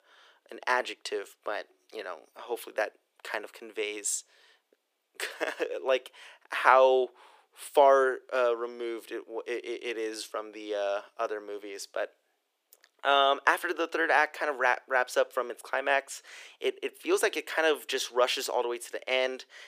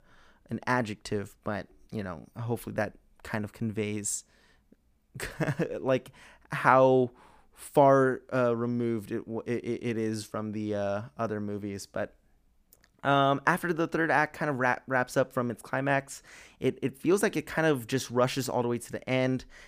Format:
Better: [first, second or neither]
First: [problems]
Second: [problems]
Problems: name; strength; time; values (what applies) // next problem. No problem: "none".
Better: second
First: thin; very; fading below 350 Hz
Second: none